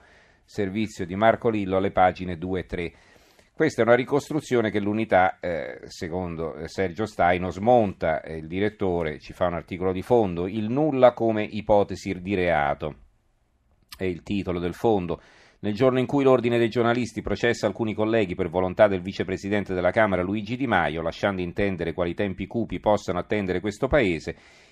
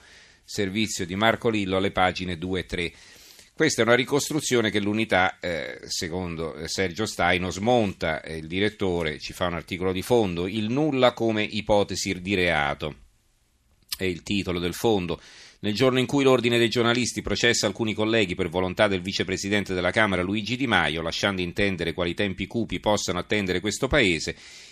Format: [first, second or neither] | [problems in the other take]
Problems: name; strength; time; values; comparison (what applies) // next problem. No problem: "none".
second | muffled; very; fading above 2.5 kHz